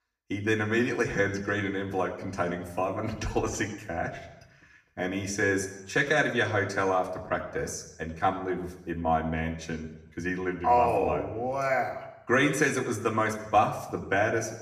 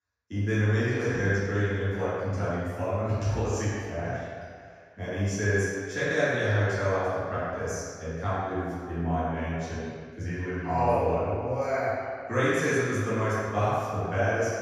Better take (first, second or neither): first